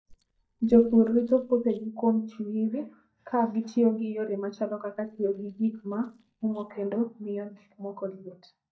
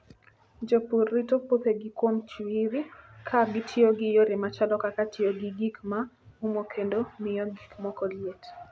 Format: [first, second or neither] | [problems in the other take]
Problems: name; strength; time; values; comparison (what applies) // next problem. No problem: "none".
second | noise reduction (neural mask model DeepFilterNet 3)